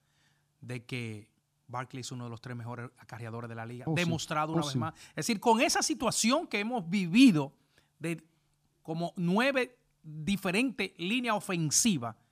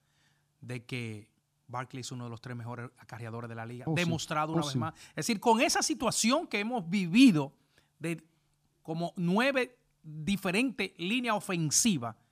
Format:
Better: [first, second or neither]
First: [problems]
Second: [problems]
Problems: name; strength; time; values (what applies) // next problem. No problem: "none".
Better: neither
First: none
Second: none